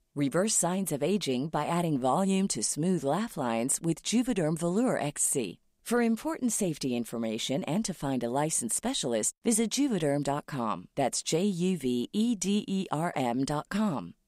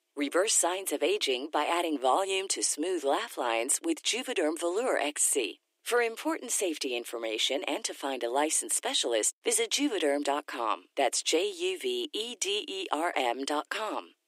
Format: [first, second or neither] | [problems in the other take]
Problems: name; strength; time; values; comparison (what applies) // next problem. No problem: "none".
first | thin; somewhat; fading below 300 Hz